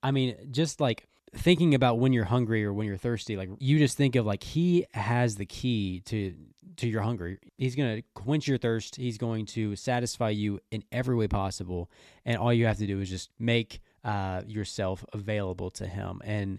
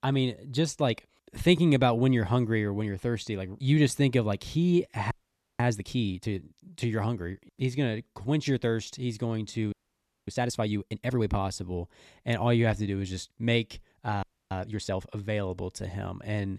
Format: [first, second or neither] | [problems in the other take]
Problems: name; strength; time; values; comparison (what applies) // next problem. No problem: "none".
first | audio freezing; at 5 s, at 9.5 s for 0.5 s and at 14 s